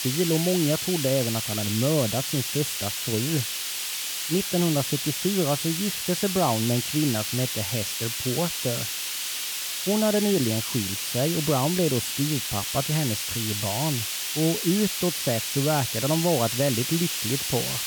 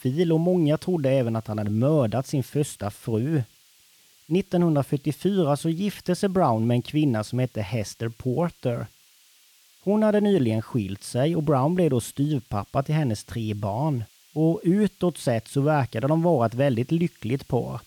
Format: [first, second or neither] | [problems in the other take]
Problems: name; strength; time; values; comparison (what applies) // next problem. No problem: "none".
second | hiss; loud; throughout; 1 dB below the speech; faint in the second